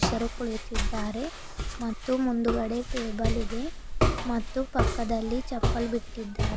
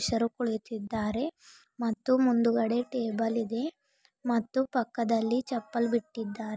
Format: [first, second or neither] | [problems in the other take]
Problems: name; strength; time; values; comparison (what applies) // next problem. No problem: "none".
second | background sound (Walk, footsteps); 1 dB above the speech